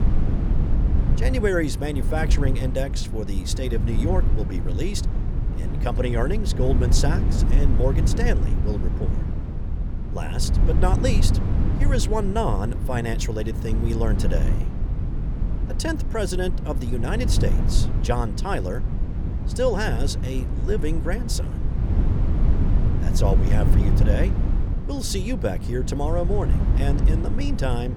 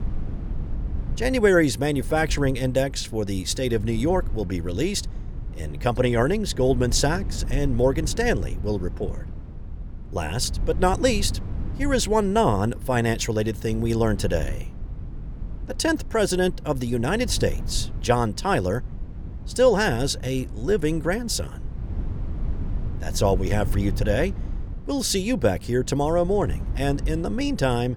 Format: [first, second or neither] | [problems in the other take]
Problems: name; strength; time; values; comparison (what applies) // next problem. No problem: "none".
second | low rumble; loud; throughout; 7 dB below the speech; faint in the second